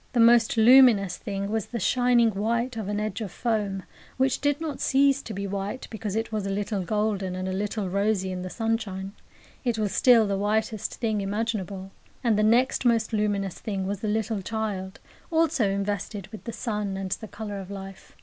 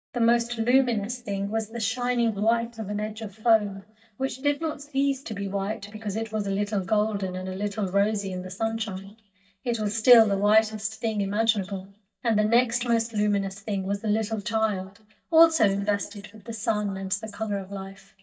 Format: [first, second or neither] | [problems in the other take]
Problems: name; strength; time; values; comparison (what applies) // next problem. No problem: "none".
first | noise reduction (neural mask model DeepFilterNet 3)